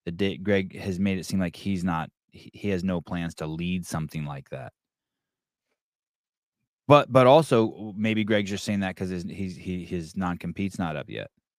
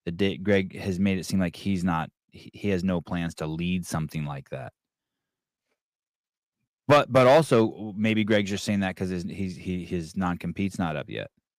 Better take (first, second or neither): first